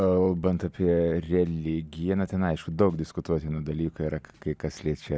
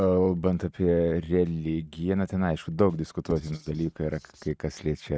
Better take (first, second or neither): first